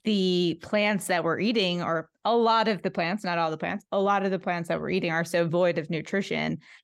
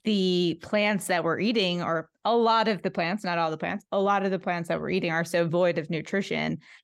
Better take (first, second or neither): neither